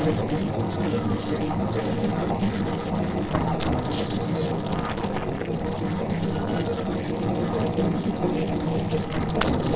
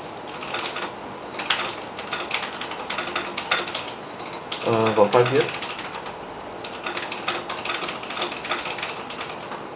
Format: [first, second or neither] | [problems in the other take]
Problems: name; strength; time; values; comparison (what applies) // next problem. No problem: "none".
second | noise reduction (neural separator model SepFormer DNS4)